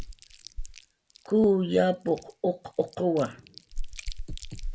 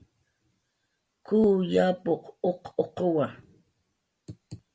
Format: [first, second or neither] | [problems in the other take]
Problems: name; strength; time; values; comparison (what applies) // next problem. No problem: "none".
second | background sound (Chewing, mastication); 9 dB below the speech